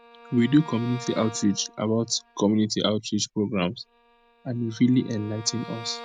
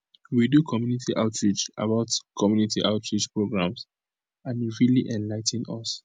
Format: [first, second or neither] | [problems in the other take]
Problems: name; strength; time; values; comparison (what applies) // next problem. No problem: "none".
second | background sound (Bowed string instrument); 19 dB below the speech